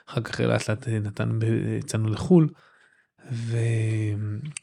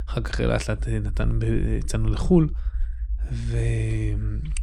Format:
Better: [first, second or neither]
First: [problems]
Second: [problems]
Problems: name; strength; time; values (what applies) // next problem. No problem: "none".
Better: first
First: none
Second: low rumble; faint; throughout; 25 dB below the speech